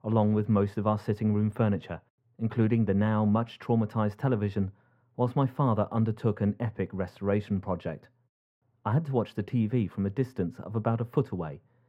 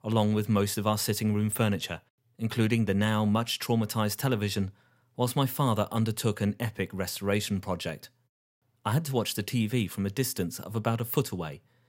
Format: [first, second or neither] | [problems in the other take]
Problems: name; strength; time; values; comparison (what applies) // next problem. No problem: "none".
second | muffled; very; fading above 3 kHz